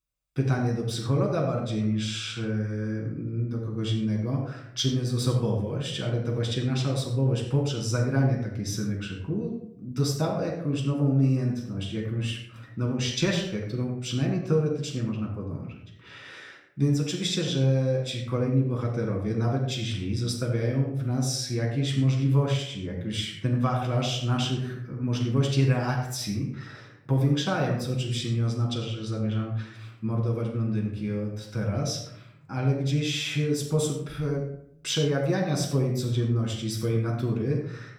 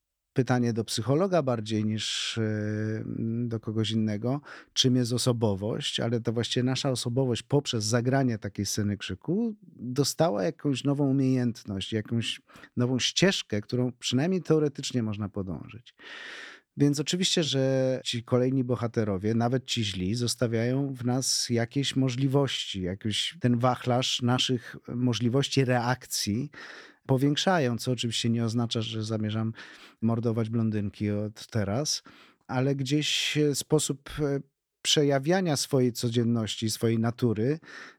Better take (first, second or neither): second